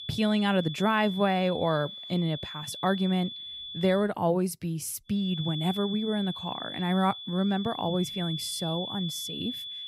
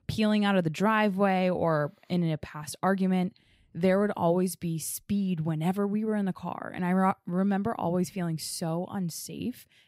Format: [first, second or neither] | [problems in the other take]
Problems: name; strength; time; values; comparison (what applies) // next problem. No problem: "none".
second | high-pitched whine; loud; until 4 s and from 5 s on; 3.5 kHz, 8 dB below the speech